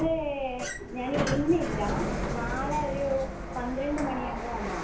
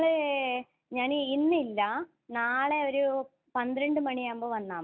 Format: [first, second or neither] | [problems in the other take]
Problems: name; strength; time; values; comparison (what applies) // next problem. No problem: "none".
second | background sound (Sliding door); 2 dB below the speech // room echo; dies away in 0.7 s